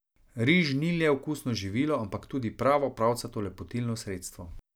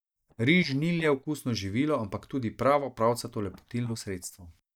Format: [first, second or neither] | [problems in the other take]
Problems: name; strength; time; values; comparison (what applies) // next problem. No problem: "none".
first | noise reduction (neural mask model DeepFilterNet 3)